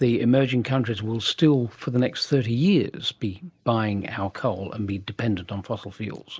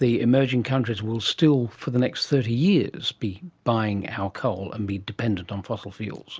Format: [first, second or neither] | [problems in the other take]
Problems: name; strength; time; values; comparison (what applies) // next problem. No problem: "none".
second | noise reduction (neural mask model Resemble Enhance denoiser)